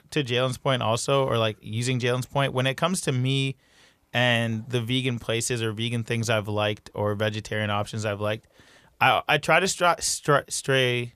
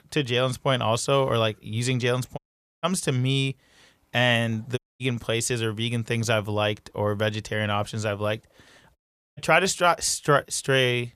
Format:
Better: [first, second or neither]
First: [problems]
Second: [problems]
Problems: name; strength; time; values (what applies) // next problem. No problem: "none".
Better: first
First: none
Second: audio cutting out; at 2.5 s, at 5 s and at 9 s